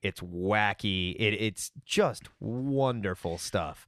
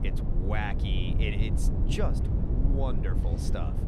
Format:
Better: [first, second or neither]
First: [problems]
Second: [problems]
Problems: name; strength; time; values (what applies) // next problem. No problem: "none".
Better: first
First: none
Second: low rumble; loud; throughout; 4 dB below the speech